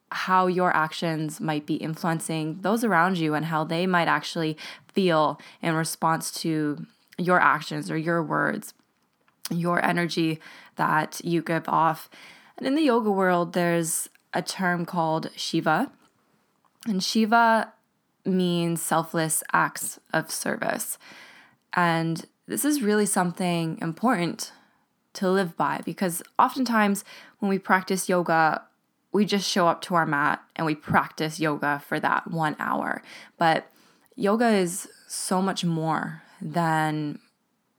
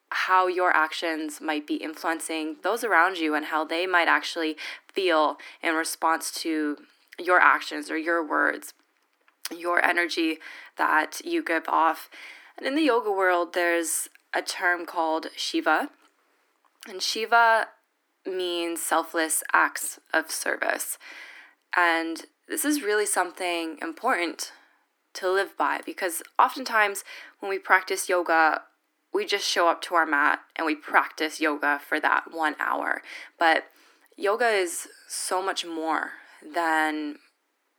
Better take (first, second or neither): first